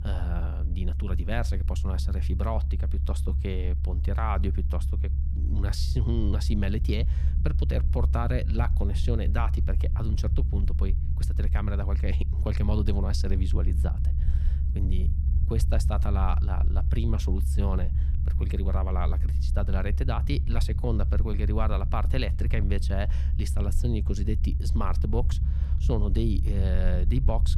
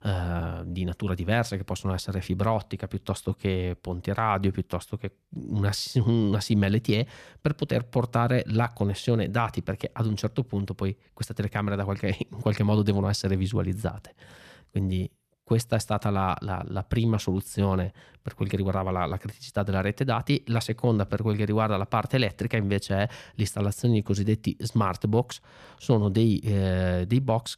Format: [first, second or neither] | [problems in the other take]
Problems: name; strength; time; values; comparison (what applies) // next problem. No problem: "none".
second | low rumble; loud; throughout; 9 dB below the speech